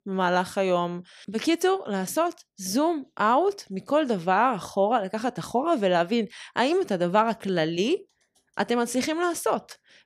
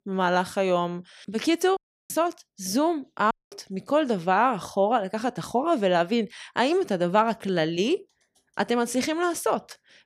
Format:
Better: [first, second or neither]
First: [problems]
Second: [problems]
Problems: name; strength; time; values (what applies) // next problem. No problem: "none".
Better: first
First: none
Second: audio cutting out; at 2 s and at 3.5 s